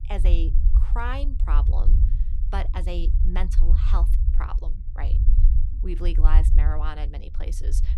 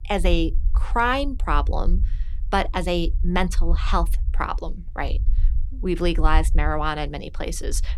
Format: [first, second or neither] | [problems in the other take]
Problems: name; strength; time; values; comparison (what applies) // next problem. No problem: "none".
second | low rumble; loud; throughout; 9 dB below the speech; faint in the second